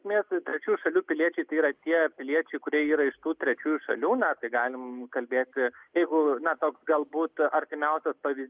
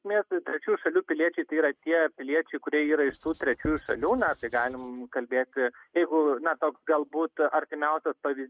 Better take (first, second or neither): first